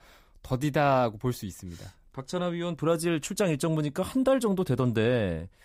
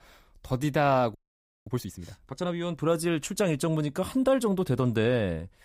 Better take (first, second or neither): first